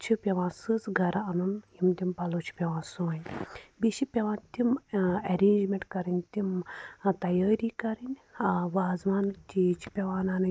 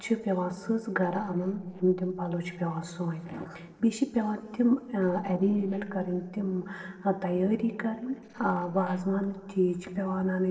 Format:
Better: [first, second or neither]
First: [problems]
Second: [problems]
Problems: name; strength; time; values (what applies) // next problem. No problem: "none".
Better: first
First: none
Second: noise reduction (neural separator model SepFormer DNS4)